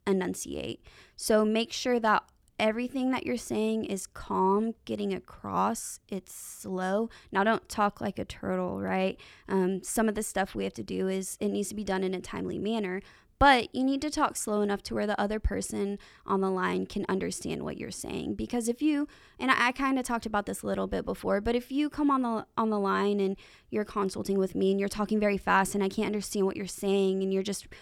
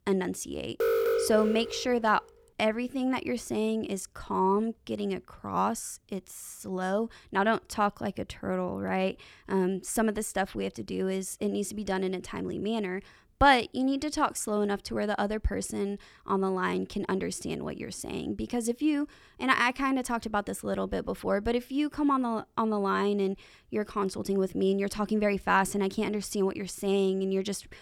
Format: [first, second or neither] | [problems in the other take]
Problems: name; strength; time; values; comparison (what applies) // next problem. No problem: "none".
first | alarm; loud; from 1 to 2 s; peak 3 dB above the speech